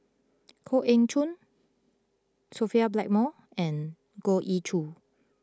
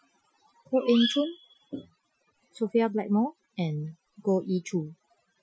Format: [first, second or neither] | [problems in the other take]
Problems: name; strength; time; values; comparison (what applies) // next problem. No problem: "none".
first | noise reduction (classical method Wiener filter)